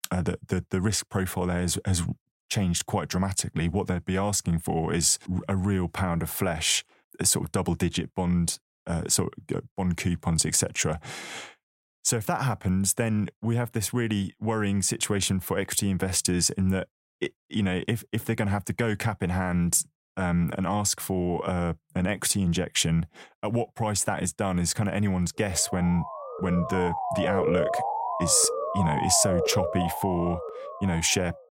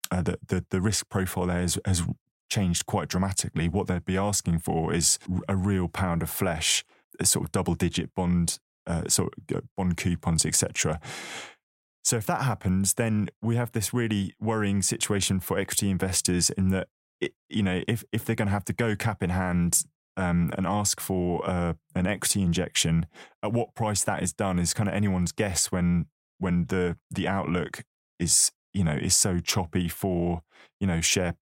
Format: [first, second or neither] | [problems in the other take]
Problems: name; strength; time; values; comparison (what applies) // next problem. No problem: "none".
second | siren; loud; from 26 s on; peak level with the speech